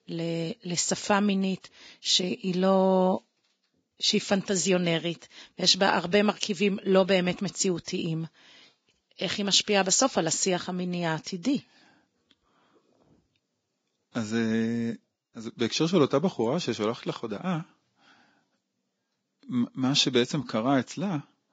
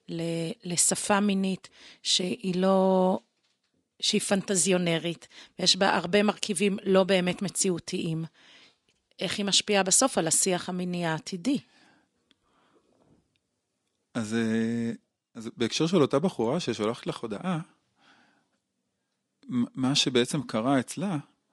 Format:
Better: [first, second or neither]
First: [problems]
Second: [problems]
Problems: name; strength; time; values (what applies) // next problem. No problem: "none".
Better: second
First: garbled, watery; badly; nothing above 7.5 kHz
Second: garbled, watery; slightly; nothing above 10.5 kHz